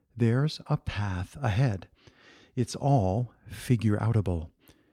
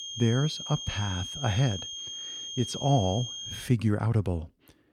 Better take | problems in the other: first | high-pitched whine; loud; until 3.5 s; 3 kHz, 7 dB below the speech

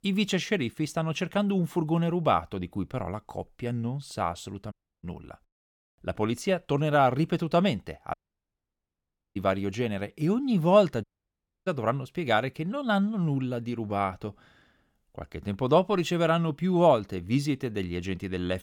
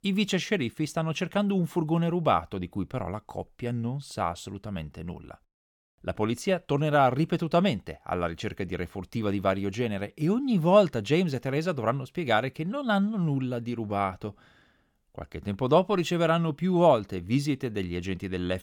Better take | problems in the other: second | audio cutting out; at 4.5 s, at 8 s for 1 s and at 11 s for 0.5 s

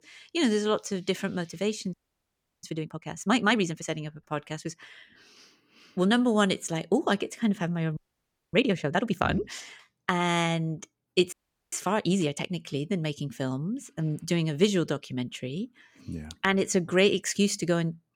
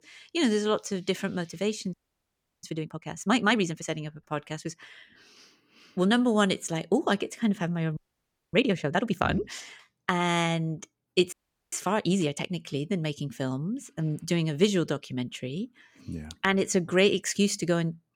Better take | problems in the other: neither | audio freezing; at 2 s for 0.5 s, at 8 s for 0.5 s and at 11 s; the same in both

